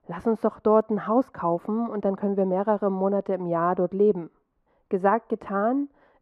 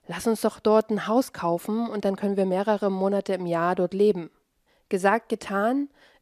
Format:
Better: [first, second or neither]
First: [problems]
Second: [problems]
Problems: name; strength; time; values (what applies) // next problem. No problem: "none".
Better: second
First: muffled; very; fading above 2.5 kHz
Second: none